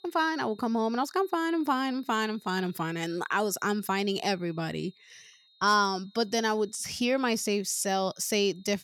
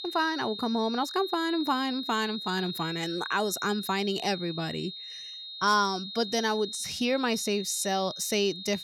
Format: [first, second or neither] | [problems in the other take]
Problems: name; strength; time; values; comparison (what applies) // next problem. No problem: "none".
first | high-pitched whine; loud; throughout; 4 kHz, 8 dB below the speech; faint in the first